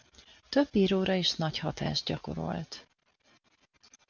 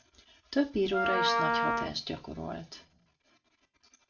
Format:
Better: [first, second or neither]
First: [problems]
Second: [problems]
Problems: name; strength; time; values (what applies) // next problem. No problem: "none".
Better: first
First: none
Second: background sound (Wind instrument, woodwind instrument); 5 dB above the speech // room echo; dies away in 0.4 s